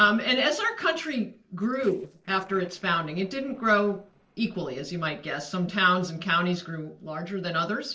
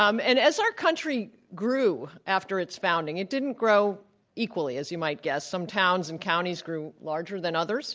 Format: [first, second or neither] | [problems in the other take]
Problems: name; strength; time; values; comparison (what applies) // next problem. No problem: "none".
second | noise reduction (neural separator model SepFormer DNS4)